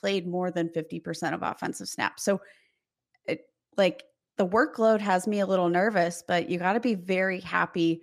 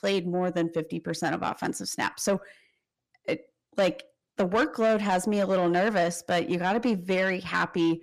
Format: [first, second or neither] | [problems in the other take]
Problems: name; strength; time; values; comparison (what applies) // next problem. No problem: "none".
first | distortion; slight; 10 dB below the speech